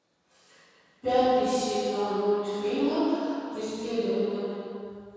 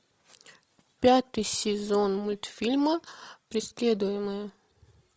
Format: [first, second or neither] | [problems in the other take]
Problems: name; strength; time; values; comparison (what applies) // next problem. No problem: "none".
second | room echo; dies away in 2.2 s